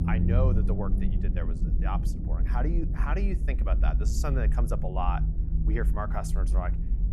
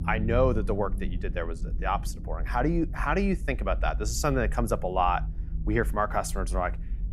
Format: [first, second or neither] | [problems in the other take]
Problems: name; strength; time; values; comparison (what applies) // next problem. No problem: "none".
second | low rumble; loud; throughout; 7 dB below the speech; faint in the second